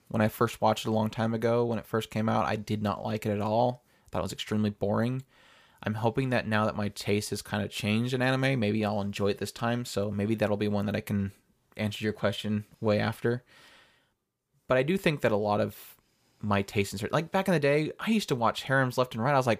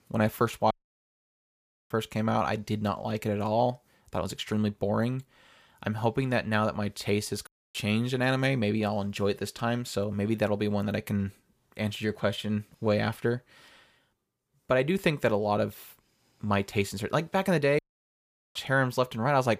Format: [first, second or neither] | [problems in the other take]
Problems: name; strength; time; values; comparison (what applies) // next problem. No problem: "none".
first | audio cutting out; at 0.5 s for 1 s, at 7.5 s and at 18 s for 1 s